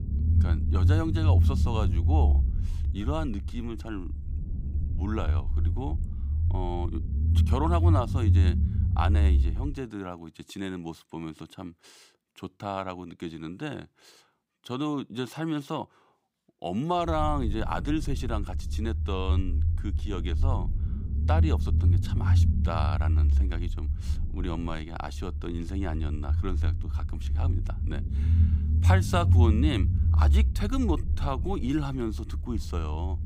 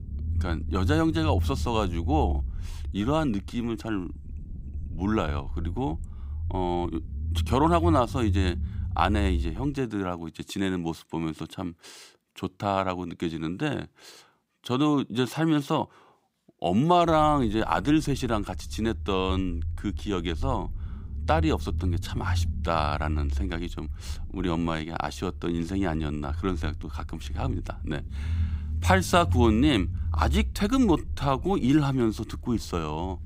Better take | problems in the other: second | low rumble; loud; until 9.5 s and from 17 s on; 8 dB below the speech; faint in the second

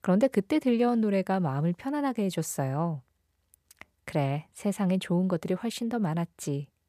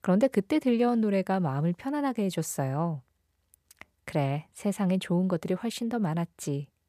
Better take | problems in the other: neither | none

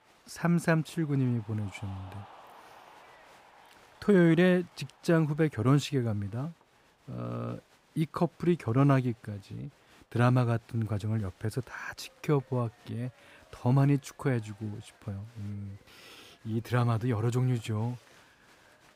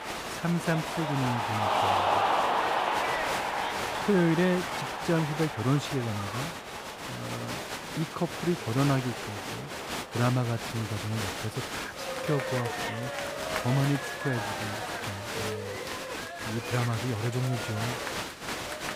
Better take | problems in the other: first | crowd noise; loud; throughout; 1 dB below the speech; faint in the first

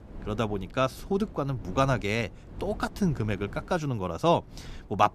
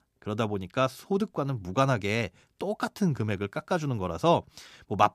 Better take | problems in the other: second | wind noise on the microphone; occasional gusts; 20 dB below the speech

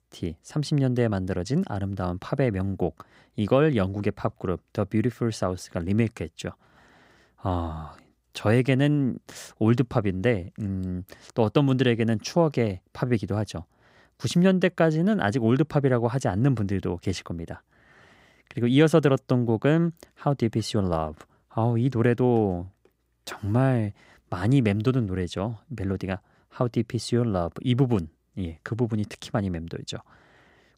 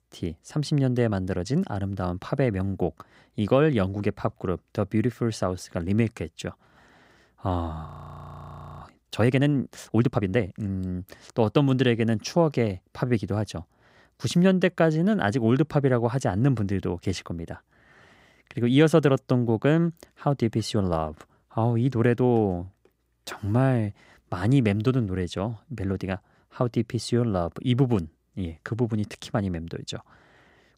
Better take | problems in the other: first | audio freezing; at 8 s for 1 s

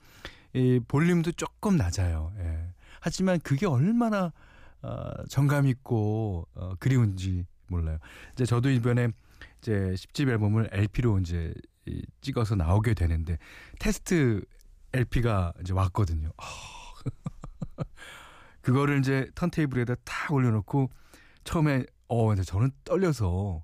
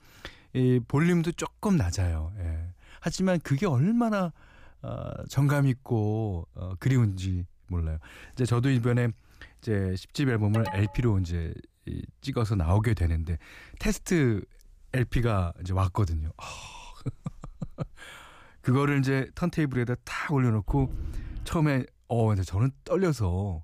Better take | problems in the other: first | alarm; noticeable; at 11 s; peak 8 dB below the speech // dog barking; noticeable; at 21 s; peak 8 dB below the speech

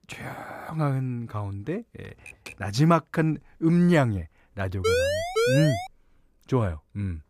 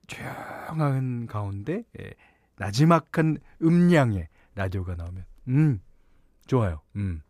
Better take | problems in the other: second | keyboard typing; faint; at 2 s; peak 15 dB below the speech // siren; loud; from 5 to 6 s; peak 2 dB above the speech

